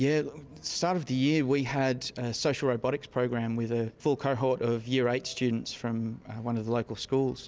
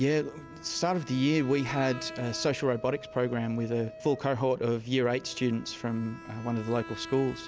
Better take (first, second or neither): first